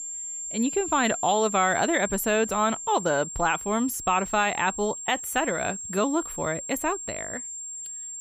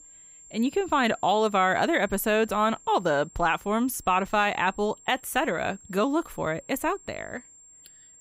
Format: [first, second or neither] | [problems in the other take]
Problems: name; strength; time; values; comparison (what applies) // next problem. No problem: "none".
second | high-pitched whine; loud; throughout; 7.5 kHz, 7 dB below the speech; faint in the second